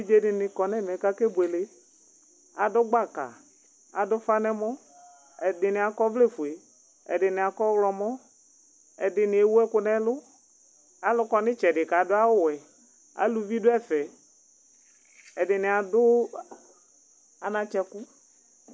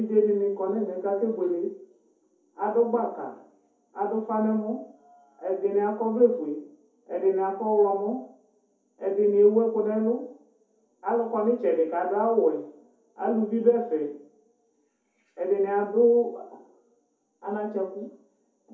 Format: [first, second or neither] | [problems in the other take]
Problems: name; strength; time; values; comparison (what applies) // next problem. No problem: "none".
first | room echo; dies away in 0.5 s